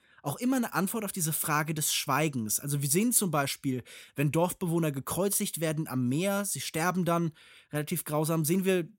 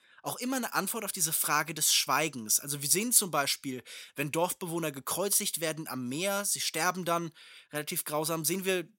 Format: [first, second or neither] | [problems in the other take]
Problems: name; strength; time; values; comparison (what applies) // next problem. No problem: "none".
first | thin; somewhat; fading below 1 kHz